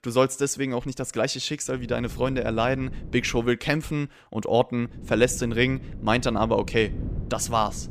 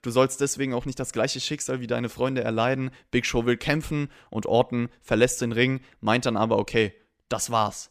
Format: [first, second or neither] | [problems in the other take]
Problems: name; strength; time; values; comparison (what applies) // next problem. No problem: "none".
second | wind noise on the microphone; occasional gusts; from 2 to 3.5 s and from 5 s on; 20 dB below the speech